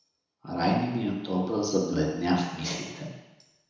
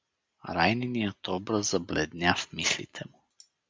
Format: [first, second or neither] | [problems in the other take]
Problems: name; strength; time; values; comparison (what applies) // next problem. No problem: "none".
second | room echo; dies away in 1 s